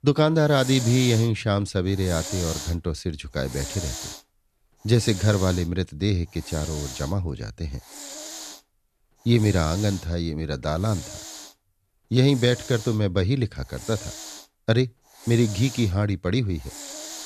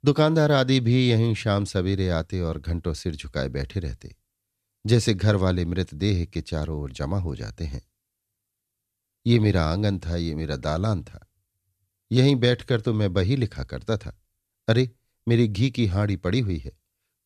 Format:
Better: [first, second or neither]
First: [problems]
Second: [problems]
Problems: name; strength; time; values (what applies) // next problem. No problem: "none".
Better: second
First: hiss; noticeable; throughout; 10 dB below the speech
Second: none